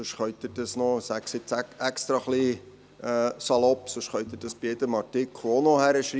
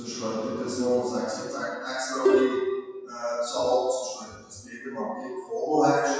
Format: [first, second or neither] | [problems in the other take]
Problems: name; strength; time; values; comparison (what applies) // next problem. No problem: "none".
first | noise reduction (classical method WPE with log-MMSE)